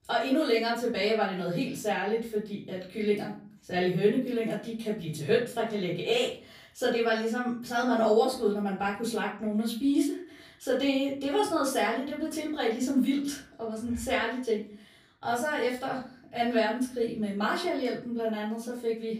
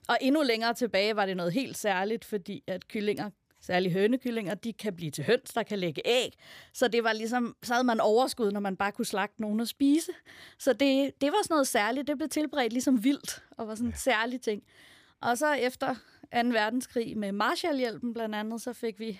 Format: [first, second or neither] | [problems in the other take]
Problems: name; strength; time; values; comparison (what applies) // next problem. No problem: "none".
second | room echo; slight; dies away in 0.4 s // off-mic speech; far